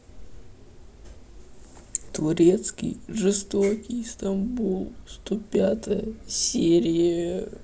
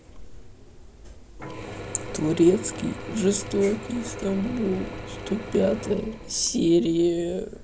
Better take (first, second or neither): first